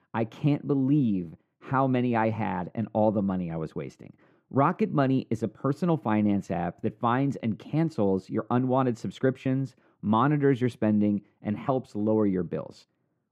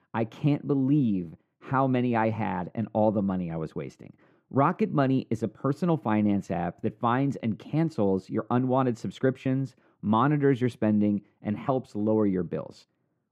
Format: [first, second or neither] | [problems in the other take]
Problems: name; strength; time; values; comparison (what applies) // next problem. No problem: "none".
neither | muffled; very; fading above 3 kHz; the same in both